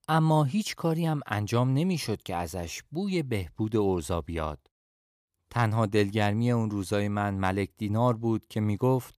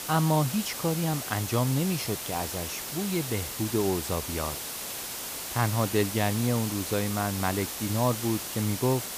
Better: first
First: none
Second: hiss; loud; throughout; 4 dB below the speech

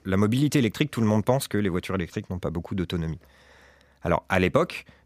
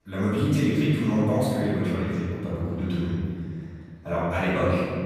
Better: first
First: none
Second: off-mic speech; far // room echo; strong; dies away in 2.1 s

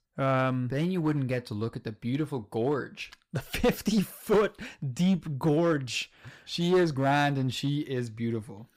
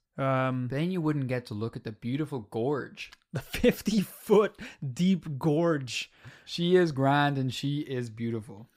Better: second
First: distortion; slight; 5% of the sound clipped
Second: none

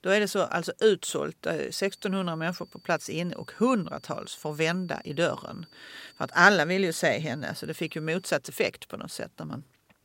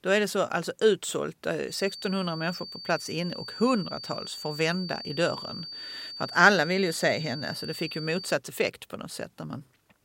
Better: first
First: high-pitched whine; faint; from 1.5 to 8.5 s; 4.5 kHz, 30 dB below the speech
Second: high-pitched whine; loud; from 1.5 to 8.5 s; 4.5 kHz, 10 dB below the speech

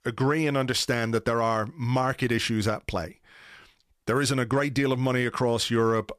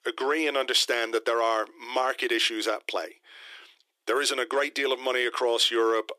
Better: first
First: none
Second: thin; very; fading below 350 Hz

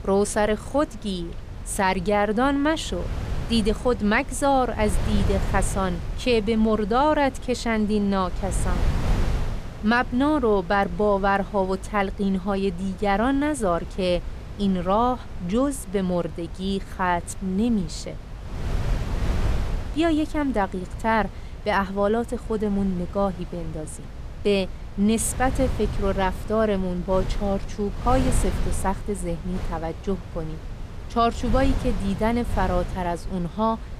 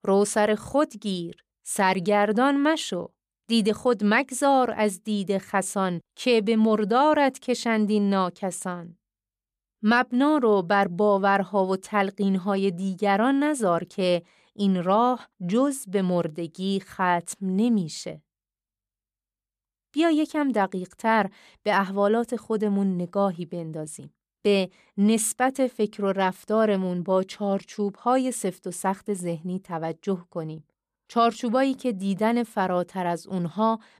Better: second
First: wind noise on the microphone; occasional gusts; 15 dB below the speech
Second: none

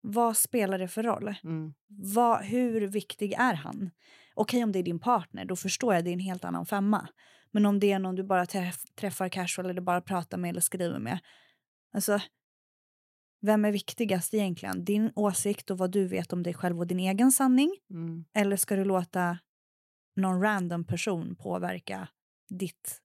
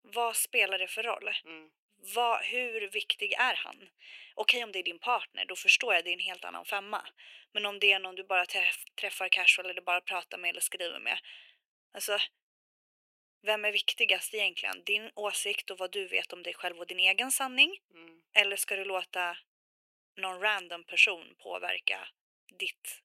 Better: first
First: none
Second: thin; very; fading below 400 Hz

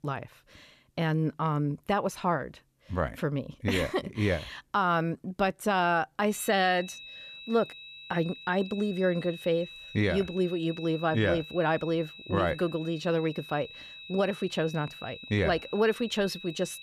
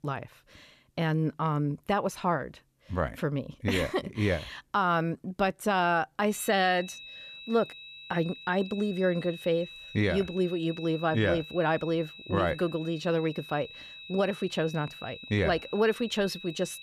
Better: neither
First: high-pitched whine; noticeable; from 6.5 s on; 4 kHz, 15 dB below the speech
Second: high-pitched whine; noticeable; from 6.5 s on; 4 kHz, 15 dB below the speech

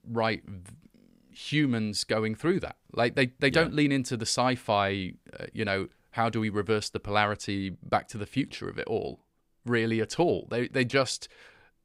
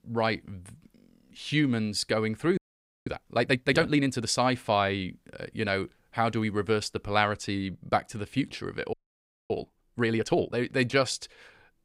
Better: first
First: none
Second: audio freezing; at 2.5 s and at 9 s for 0.5 s

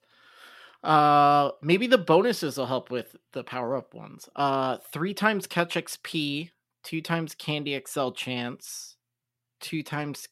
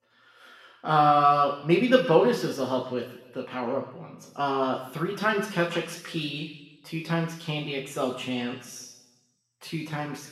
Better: first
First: none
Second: room echo; noticeable; dies away in 1 s // off-mic speech; far

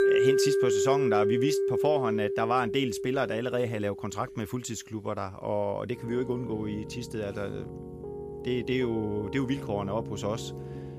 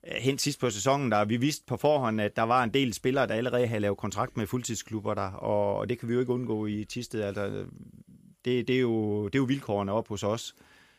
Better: second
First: background music; loud; throughout; as loud as the speech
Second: none

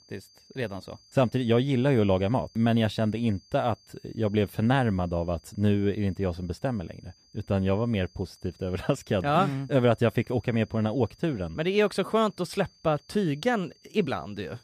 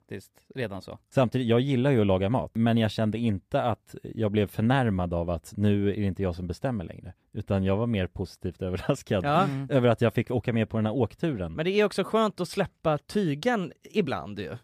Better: second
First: high-pitched whine; faint; throughout; 4.5 kHz, 30 dB below the speech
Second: none

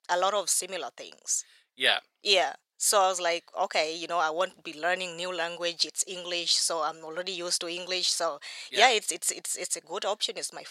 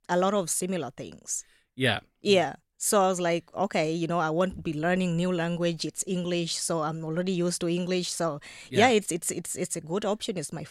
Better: second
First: thin; very; fading below 700 Hz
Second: none

